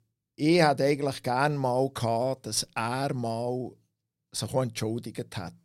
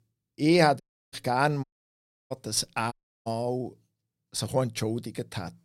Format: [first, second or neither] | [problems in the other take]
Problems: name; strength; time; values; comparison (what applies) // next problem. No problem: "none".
first | audio cutting out; at 1 s, at 1.5 s for 0.5 s and at 3 s